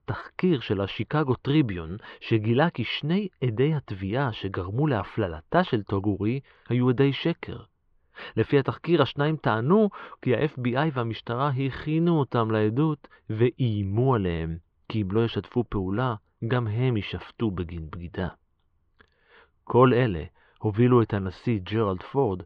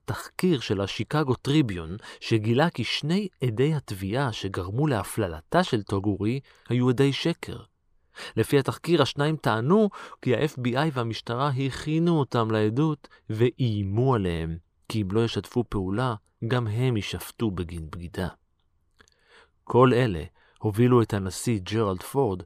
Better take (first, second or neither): second